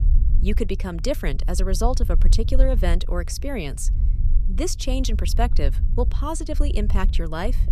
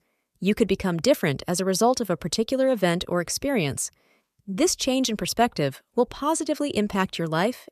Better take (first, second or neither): second